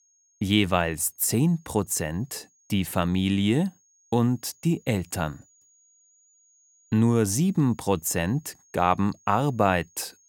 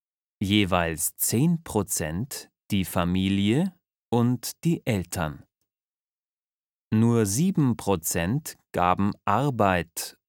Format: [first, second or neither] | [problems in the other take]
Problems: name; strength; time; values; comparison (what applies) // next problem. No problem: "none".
second | high-pitched whine; faint; throughout; 6.5 kHz, 35 dB below the speech